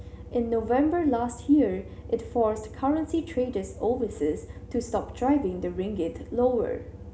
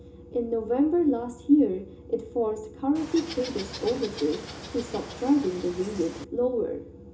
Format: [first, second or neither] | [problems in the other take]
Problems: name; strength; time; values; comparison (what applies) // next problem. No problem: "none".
first | background sound (Water / Bird); 13 dB below the speech // room echo; dies away in 0.2 s